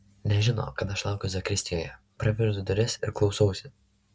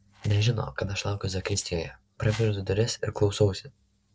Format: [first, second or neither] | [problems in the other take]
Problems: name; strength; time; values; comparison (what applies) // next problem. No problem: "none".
first | noise reduction (neural separator model SepFormer DNS4)